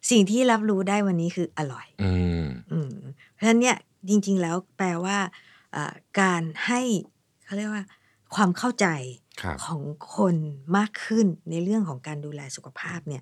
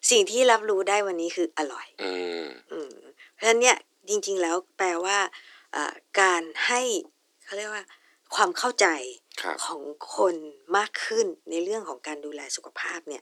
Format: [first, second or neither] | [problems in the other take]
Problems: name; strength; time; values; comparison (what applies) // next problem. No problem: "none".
first | thin; very; fading below 300 Hz